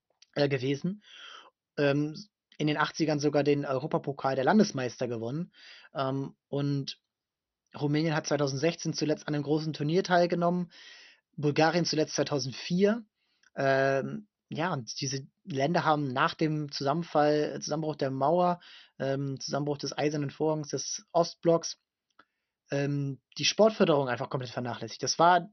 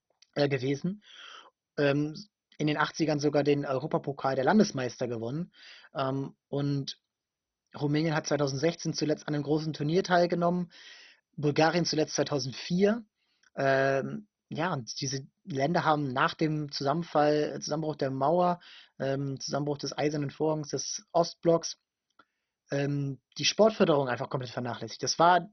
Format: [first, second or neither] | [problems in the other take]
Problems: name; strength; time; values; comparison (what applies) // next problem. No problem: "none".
first | garbled, watery; badly; nothing above 6 kHz; slightly in the first